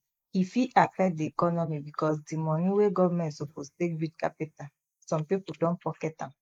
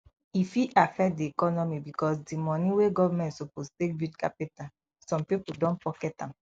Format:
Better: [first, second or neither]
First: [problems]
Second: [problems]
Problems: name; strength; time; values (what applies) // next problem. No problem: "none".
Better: second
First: noise reduction (neural mask model Resemble Enhance denoiser)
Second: none